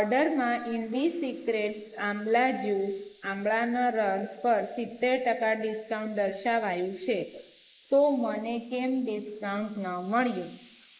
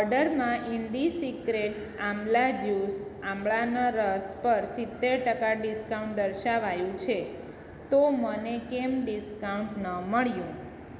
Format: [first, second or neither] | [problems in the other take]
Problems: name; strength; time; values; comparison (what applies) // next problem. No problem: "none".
second | noise reduction (neural mask model Resemble Enhance denoiser)